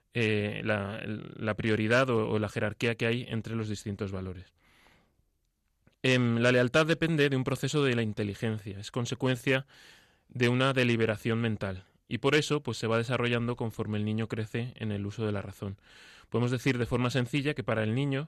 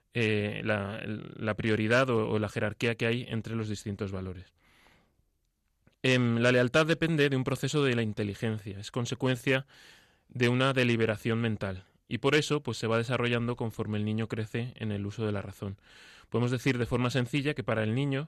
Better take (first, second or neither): neither